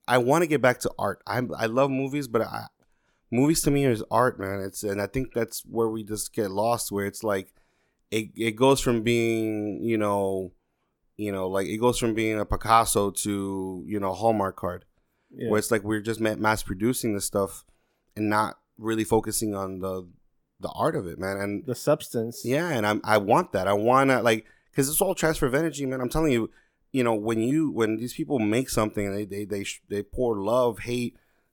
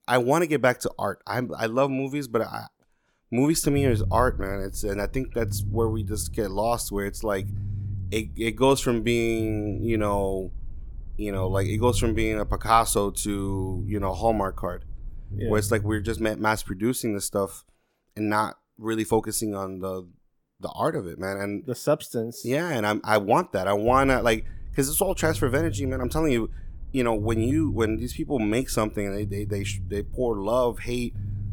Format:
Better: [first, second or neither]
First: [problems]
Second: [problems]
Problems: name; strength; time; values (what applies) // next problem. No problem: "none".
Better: first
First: none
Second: low rumble; faint; from 4 to 16 s and from 24 s on; 20 dB below the speech